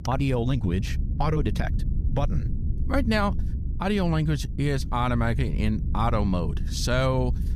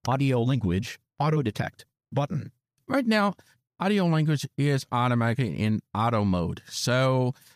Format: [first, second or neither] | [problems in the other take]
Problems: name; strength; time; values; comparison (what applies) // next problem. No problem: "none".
second | low rumble; noticeable; throughout; 15 dB below the speech